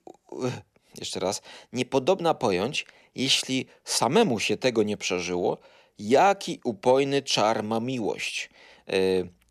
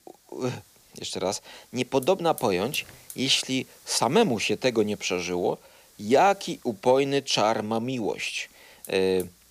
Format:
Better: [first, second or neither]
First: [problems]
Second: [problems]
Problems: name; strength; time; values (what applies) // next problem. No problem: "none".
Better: first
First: none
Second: hiss; faint; throughout; 25 dB below the speech